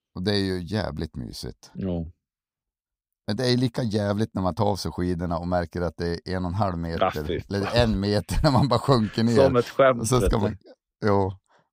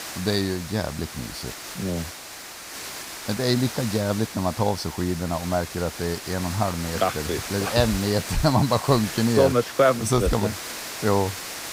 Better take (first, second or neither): first